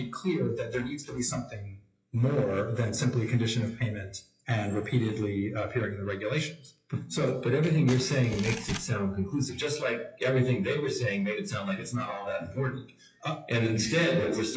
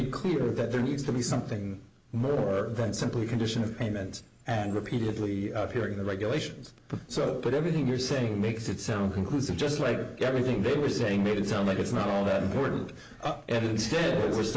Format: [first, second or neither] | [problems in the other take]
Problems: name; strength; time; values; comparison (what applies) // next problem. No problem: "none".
second | noise reduction (classical method WPE with log-MMSE)